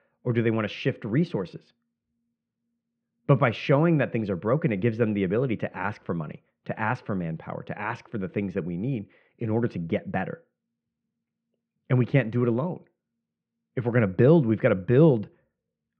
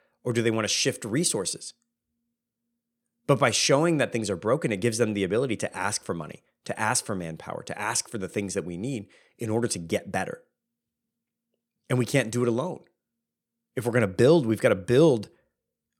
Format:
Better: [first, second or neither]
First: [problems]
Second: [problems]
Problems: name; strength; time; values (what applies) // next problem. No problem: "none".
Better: second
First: muffled; very; fading above 2.5 kHz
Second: none